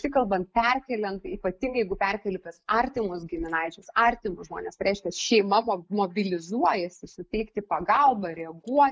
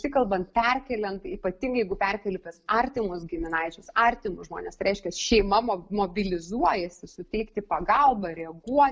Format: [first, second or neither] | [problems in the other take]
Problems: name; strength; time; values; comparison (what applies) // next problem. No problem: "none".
second | noise reduction (neural mask model Resemble Enhance denoiser)